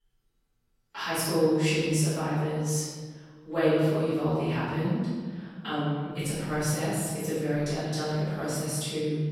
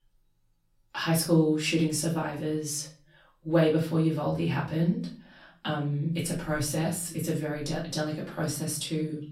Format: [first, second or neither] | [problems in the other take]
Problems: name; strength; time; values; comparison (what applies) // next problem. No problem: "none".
second | room echo; strong; dies away in 1.5 s; slight in the second // off-mic speech; far; far in the second